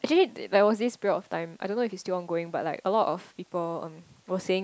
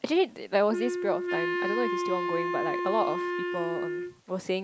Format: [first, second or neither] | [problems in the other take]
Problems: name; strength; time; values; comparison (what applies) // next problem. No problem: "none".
first | background sound (Wind instrument, woodwind instrument); 1 dB below the speech